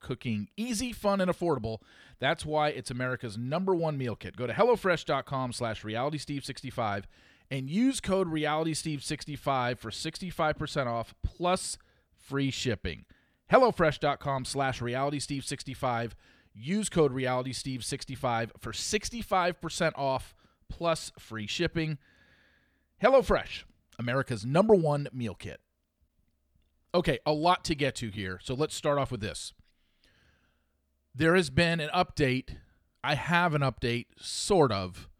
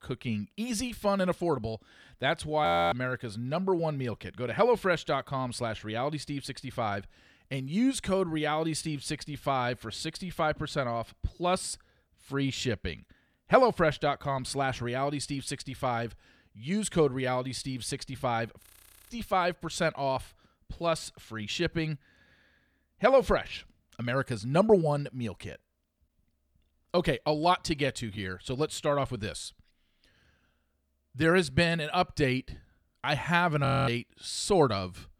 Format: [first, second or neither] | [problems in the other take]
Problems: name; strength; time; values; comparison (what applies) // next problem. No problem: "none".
first | audio freezing; at 2.5 s, at 19 s and at 34 s